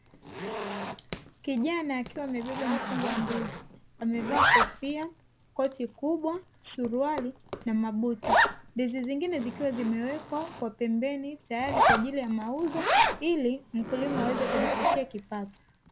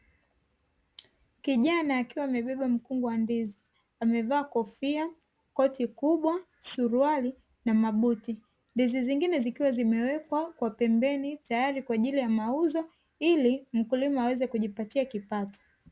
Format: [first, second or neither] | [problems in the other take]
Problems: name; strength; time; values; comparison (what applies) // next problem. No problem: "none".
second | background sound (Zipper (clothing)); as loud as the speech